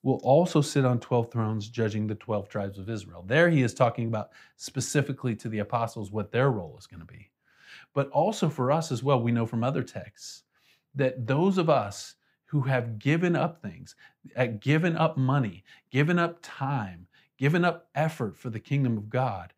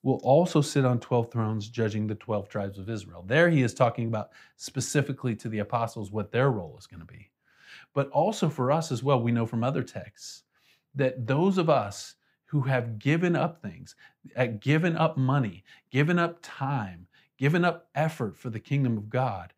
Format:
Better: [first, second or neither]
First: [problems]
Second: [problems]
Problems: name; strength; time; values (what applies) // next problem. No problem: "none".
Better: neither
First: none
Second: none